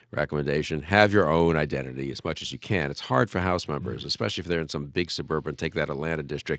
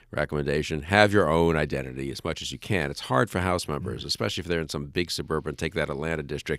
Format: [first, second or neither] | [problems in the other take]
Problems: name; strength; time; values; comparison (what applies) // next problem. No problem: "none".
second | garbled, watery; slightly; nothing above 7.5 kHz